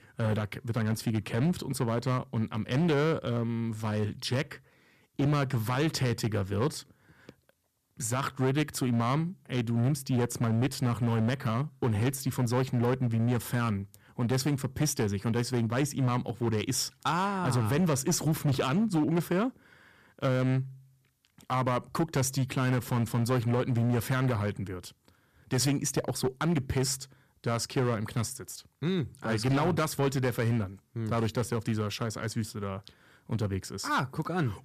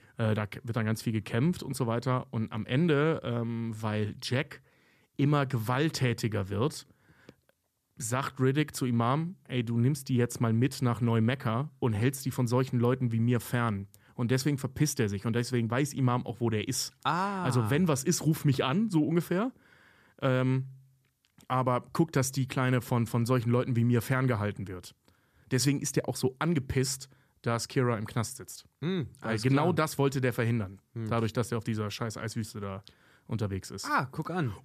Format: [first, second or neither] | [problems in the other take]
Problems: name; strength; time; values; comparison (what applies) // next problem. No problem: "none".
second | distortion; slight; 9% of the sound clipped